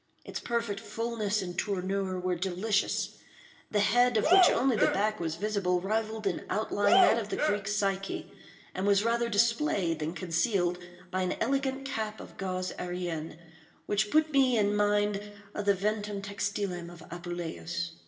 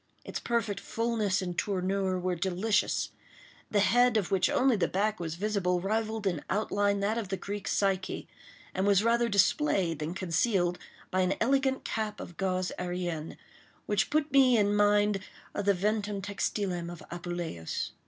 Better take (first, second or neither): second